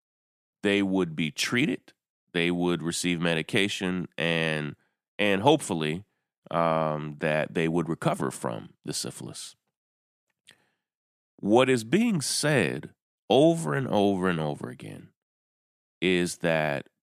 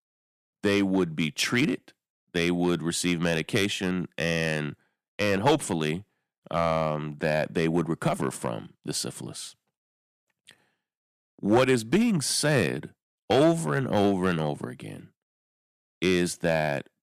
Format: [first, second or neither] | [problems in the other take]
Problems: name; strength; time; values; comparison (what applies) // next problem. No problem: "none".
first | distortion; slight; 1.9% of the sound clipped